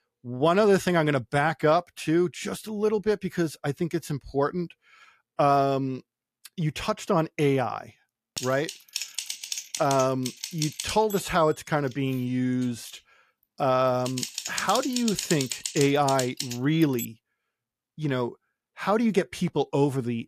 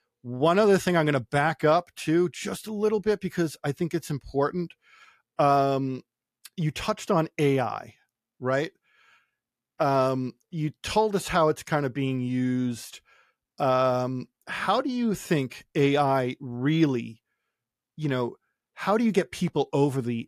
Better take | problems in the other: second | keyboard typing; noticeable; from 8.5 to 17 s; peak 4 dB below the speech

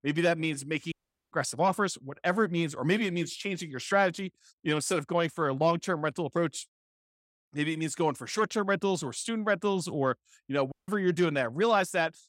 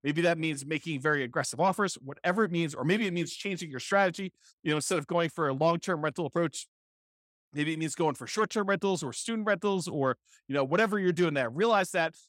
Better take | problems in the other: second | audio cutting out; at 1 s and at 11 s

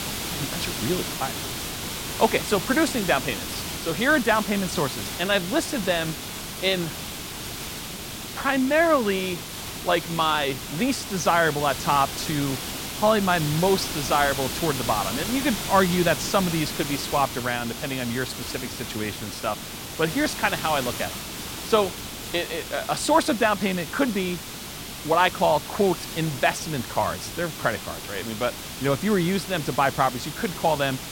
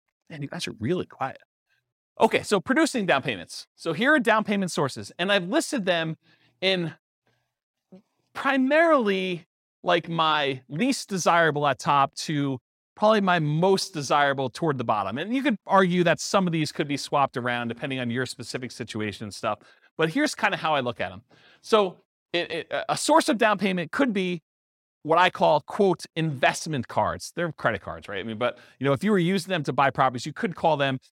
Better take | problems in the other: second | hiss; loud; throughout; 7 dB below the speech

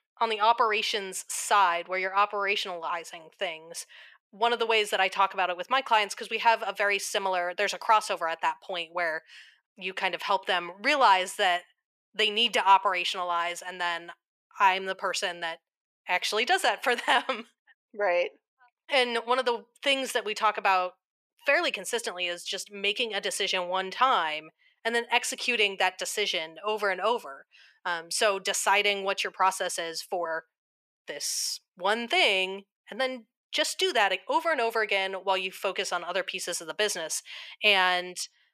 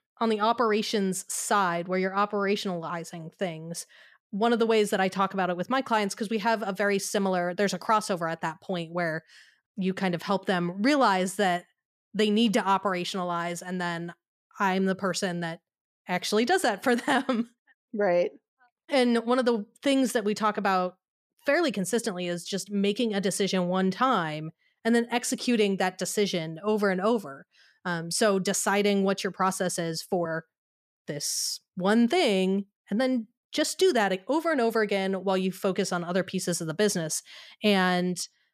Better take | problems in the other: second | thin; very; fading below 600 Hz

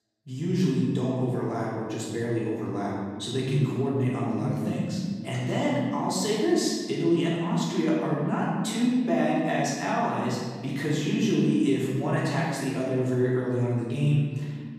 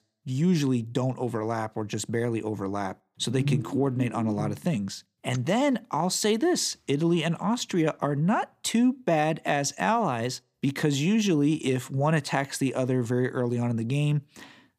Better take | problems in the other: second | room echo; noticeable; dies away in 1.6 s // off-mic speech; far

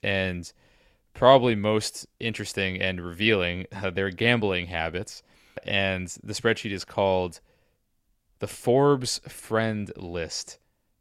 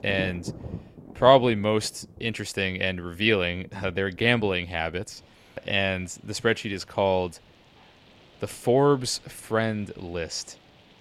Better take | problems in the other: first | rain or running water; faint; throughout; 20 dB below the speech

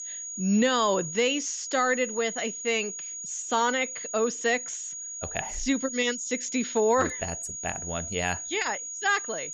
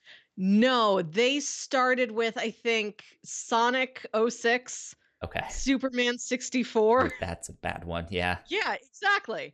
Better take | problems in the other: second | high-pitched whine; loud; throughout; 6.5 kHz, 6 dB below the speech

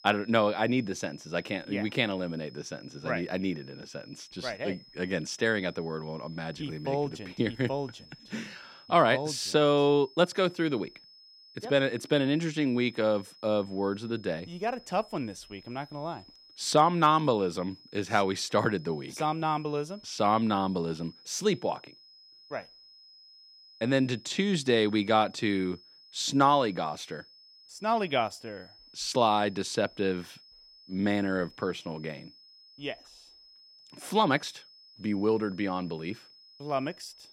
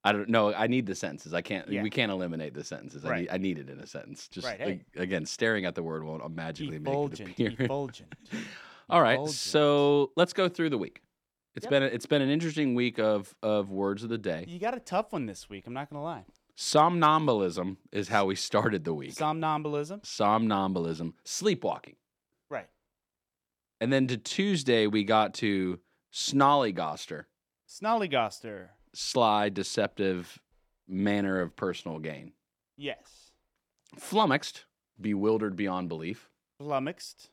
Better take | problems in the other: second | high-pitched whine; faint; throughout; 5 kHz, 25 dB below the speech

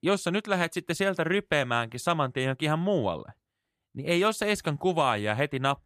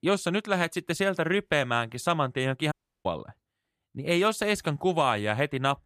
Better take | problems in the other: first | audio cutting out; at 2.5 s

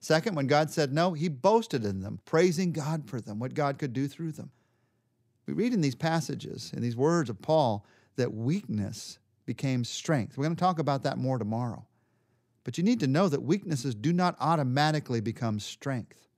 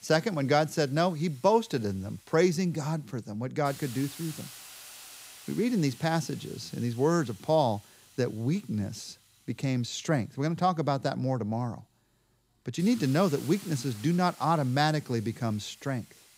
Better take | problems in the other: first | hiss; noticeable; throughout; 20 dB below the speech

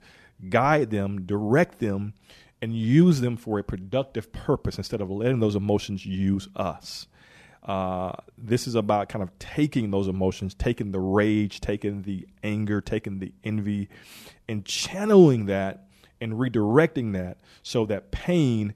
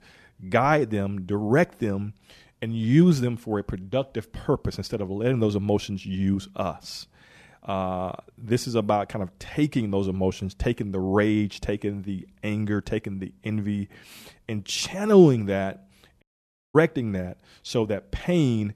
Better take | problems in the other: first | audio cutting out; at 16 s for 0.5 s

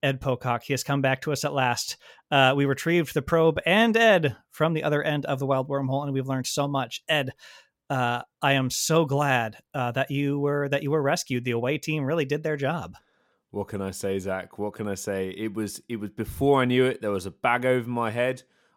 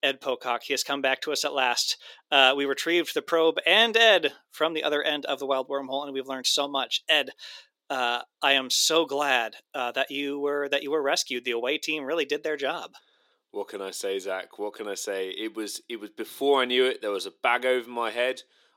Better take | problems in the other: first | thin; somewhat; fading below 350 Hz

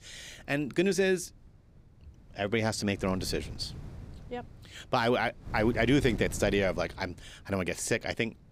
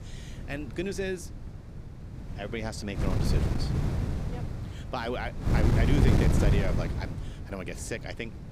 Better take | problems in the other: first | wind noise on the microphone; heavy; 1 dB below the speech; occasional gusts in the first

